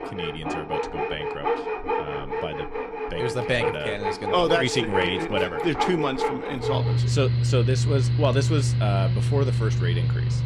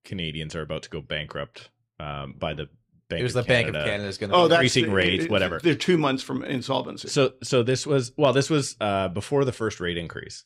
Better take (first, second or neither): second